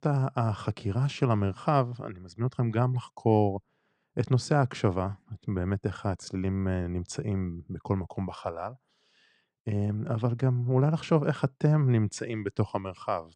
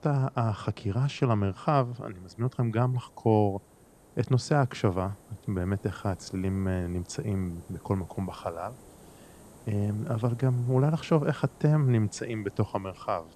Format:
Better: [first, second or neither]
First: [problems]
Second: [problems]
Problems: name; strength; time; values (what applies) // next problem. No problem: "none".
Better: first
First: none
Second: hiss; faint; throughout; 25 dB below the speech